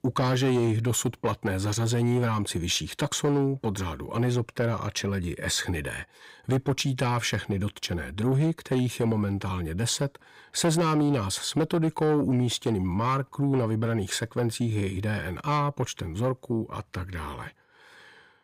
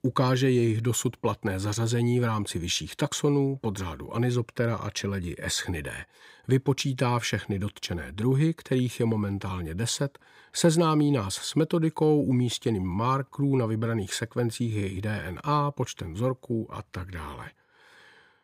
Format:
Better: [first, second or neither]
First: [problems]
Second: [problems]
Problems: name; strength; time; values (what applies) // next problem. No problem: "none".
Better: second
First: distortion; slight; 10 dB below the speech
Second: none